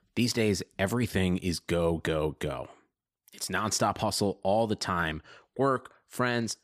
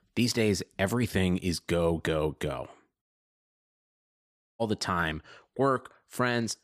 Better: first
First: none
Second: audio cutting out; at 3 s for 1.5 s

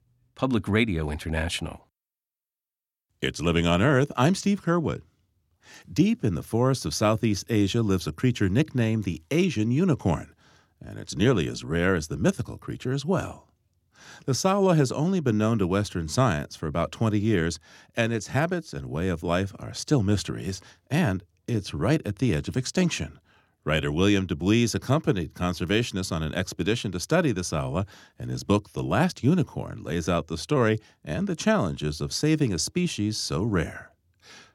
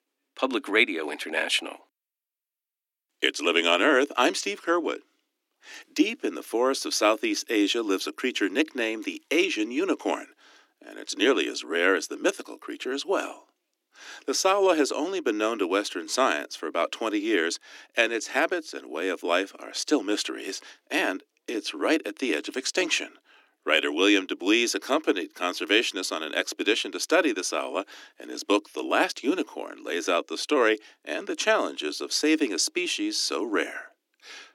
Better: first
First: none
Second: thin; somewhat; fading below 300 Hz

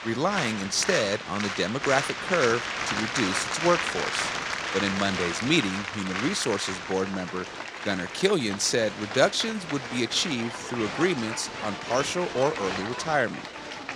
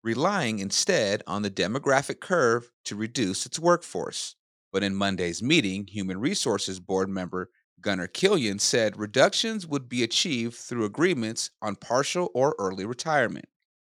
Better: second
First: crowd noise; loud; throughout; 4 dB below the speech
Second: none

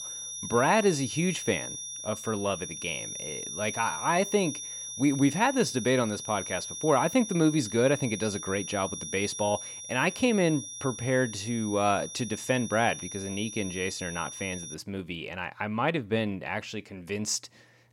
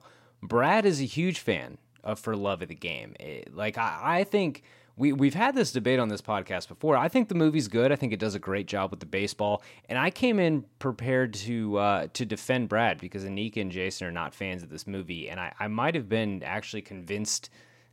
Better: second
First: high-pitched whine; loud; until 15 s; 6 kHz, 8 dB below the speech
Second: none

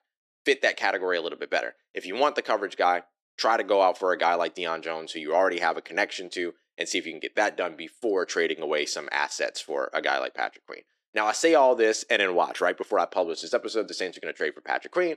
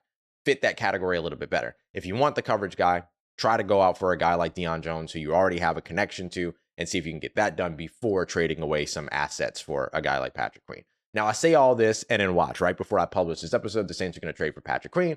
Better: second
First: thin; somewhat; fading below 300 Hz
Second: none

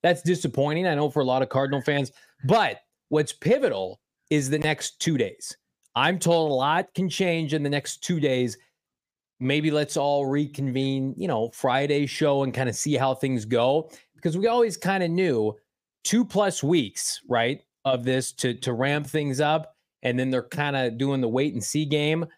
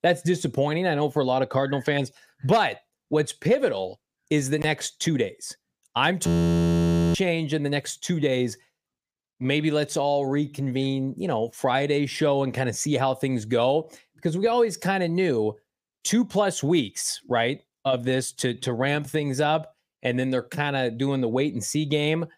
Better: first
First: none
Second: audio freezing; at 6.5 s for 1 s

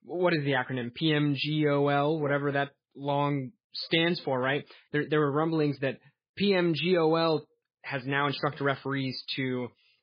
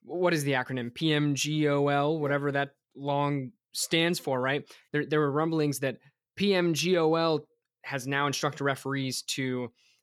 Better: second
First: garbled, watery; badly; nothing above 4.5 kHz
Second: none

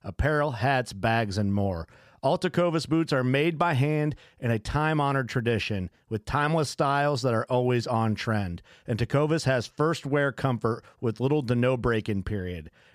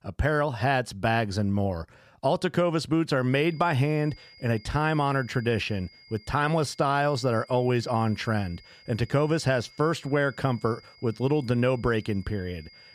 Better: first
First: none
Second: high-pitched whine; faint; from 3.5 s on; 5 kHz, 25 dB below the speech

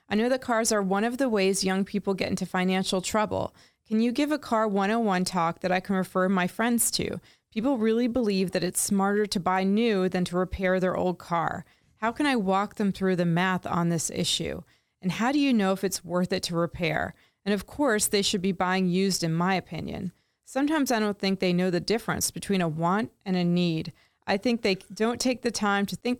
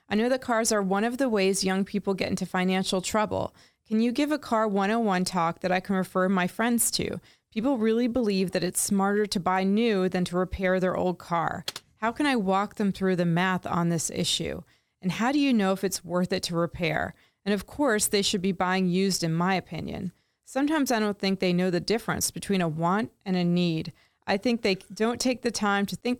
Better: first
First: none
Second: keyboard typing; faint; at 12 s; peak 10 dB below the speech

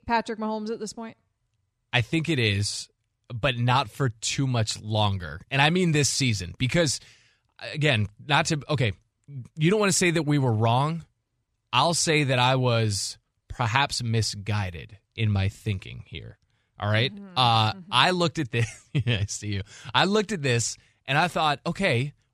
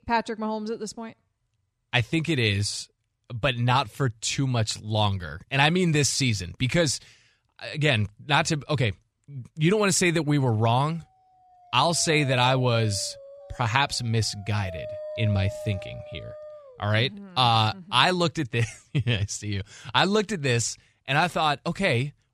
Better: first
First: none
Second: dog barking; faint; from 12 to 17 s; peak 10 dB below the speech

